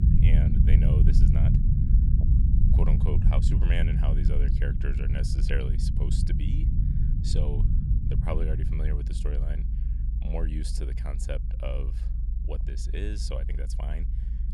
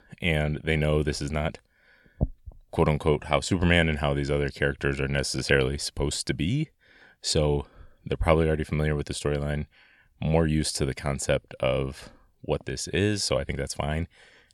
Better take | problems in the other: second | low rumble; loud; throughout; as loud as the speech

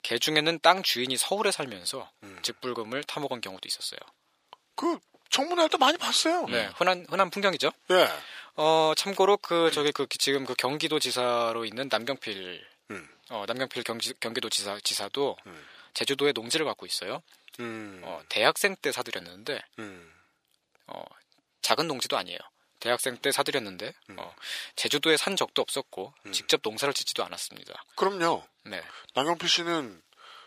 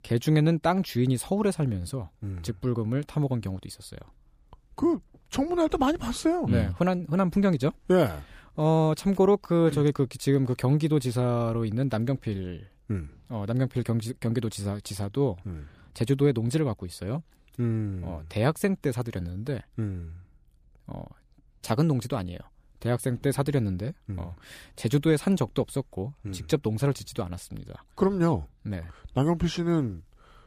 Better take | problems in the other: second | thin; very; fading below 600 Hz

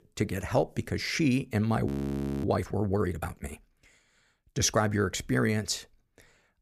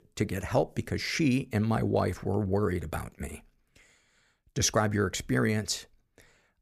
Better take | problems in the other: second | audio freezing; at 2 s for 0.5 s

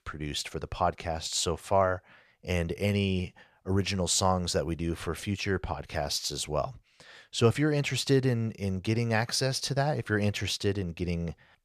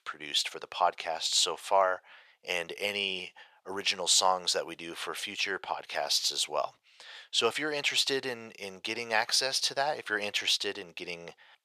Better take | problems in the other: first | thin; very; fading below 600 Hz

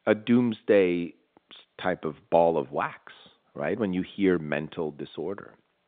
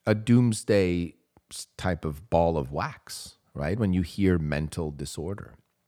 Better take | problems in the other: second | phone-call audio; nothing above 3.5 kHz

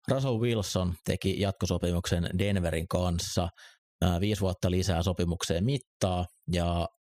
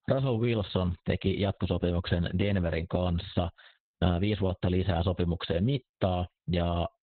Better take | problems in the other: first | garbled, watery; badly; nothing above 4 kHz

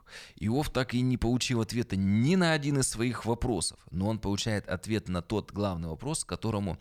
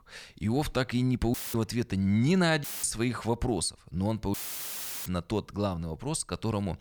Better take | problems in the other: first | audio cutting out; filled with static; at 1.5 s, at 2.5 s and at 4.5 s for 0.5 s

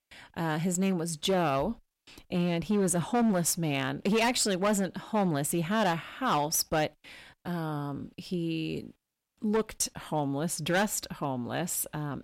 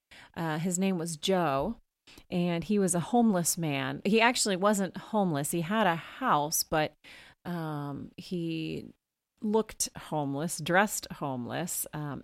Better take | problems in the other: second | distortion; slight; 5% of the sound clipped

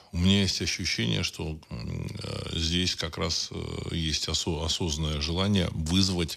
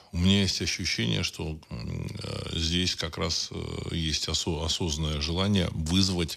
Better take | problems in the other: neither | none

